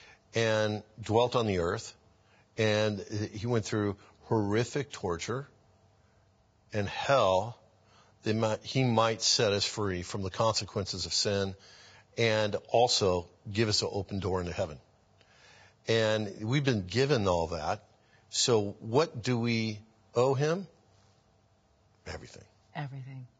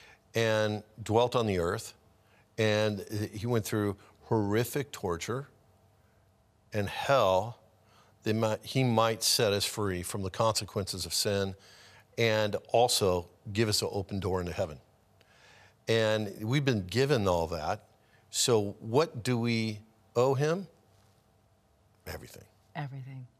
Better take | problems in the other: second | garbled, watery; badly; nothing above 7.5 kHz

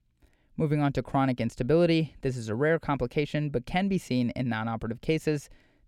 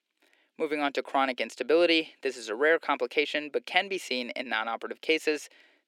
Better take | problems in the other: first | thin; somewhat; fading below 300 Hz

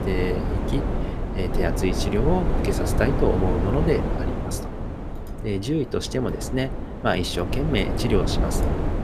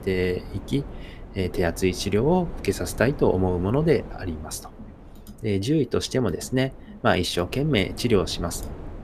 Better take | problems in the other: second | wind noise on the microphone; heavy; 4 dB below the speech; occasional gusts in the second

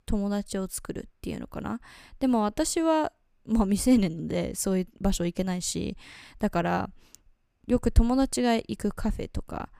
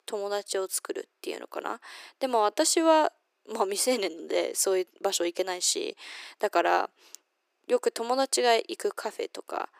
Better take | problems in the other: first | thin; very; fading below 350 Hz

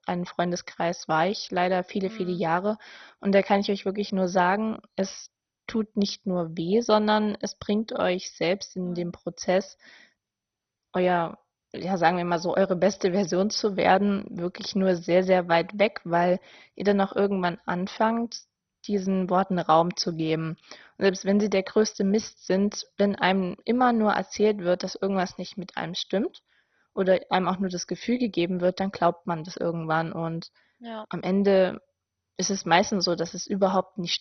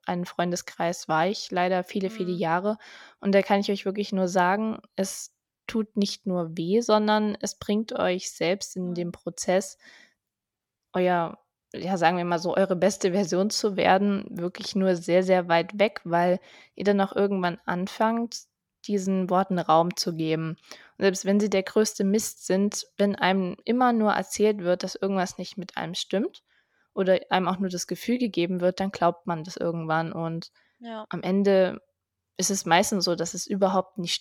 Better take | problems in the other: second | garbled, watery; badly; nothing above 6 kHz

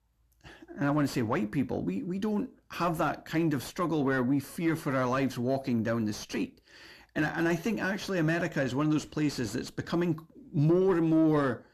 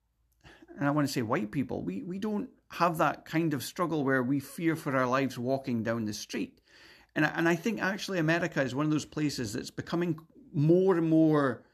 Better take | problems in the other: second | distortion; slight; 10 dB below the speech

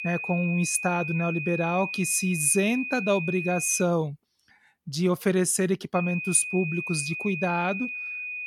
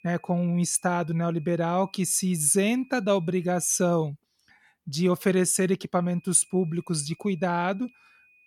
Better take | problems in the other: second | high-pitched whine; loud; until 4 s and from 6 s on; 2.5 kHz, 6 dB below the speech; faint in the second

